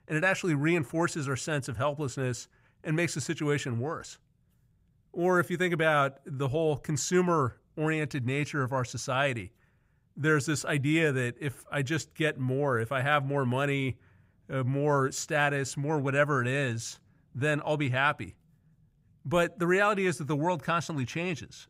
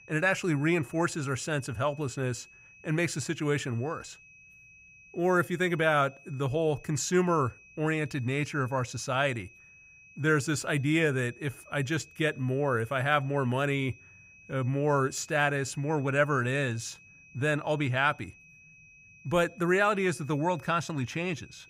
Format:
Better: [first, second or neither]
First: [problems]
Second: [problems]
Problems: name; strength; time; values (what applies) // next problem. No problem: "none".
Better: first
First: none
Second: high-pitched whine; faint; throughout; 2.5 kHz, 25 dB below the speech